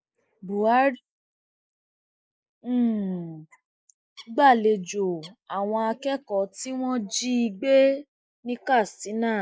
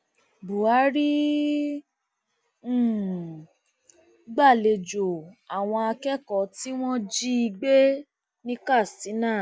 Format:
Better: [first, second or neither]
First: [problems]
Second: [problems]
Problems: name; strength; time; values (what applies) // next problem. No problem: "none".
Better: second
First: noise reduction (neural mask model Resemble Enhance denoiser)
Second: none